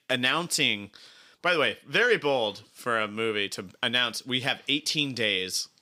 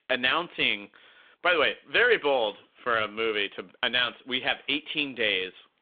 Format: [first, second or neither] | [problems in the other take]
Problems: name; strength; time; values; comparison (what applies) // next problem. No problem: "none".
first | phone-call audio; nothing above 3.5 kHz